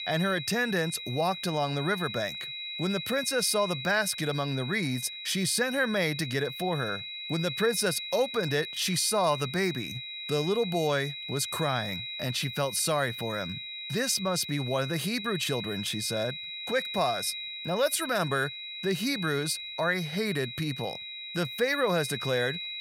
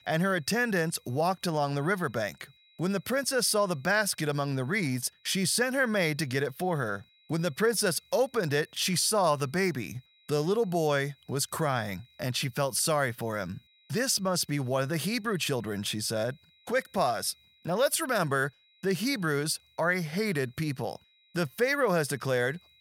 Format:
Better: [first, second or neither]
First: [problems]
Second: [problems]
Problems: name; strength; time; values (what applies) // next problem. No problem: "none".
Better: second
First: high-pitched whine; loud; throughout; 4 kHz, 7 dB below the speech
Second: high-pitched whine; faint; throughout; 4 kHz, 30 dB below the speech